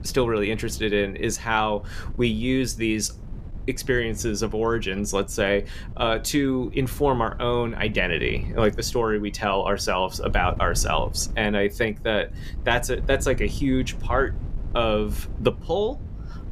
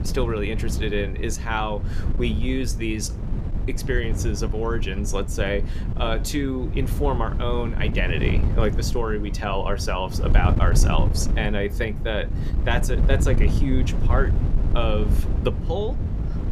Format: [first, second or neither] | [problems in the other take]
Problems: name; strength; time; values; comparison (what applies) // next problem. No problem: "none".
first | wind noise on the microphone; heavy; 10 dB below the speech; occasional gusts in the first